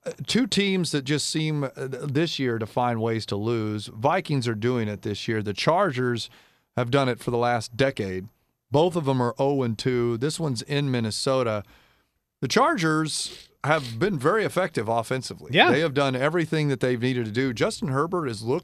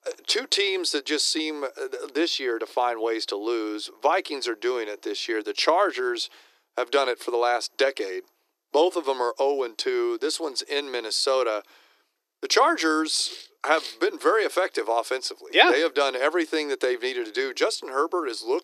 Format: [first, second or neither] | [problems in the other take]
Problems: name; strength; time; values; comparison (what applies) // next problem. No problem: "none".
first | thin; very; fading below 300 Hz